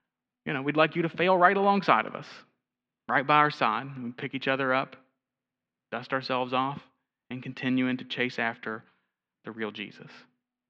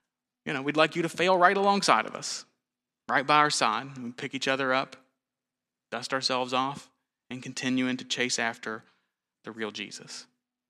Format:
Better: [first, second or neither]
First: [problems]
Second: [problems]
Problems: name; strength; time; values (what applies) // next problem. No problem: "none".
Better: second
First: muffled; slightly; fading above 3 kHz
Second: none